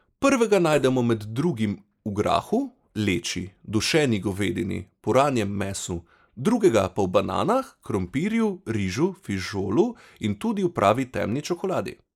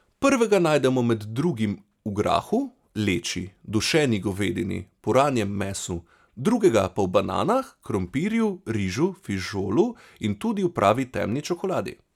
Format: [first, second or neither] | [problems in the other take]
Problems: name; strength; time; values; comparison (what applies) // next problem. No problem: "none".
second | noise reduction (neural mask model Resemble Enhance denoiser)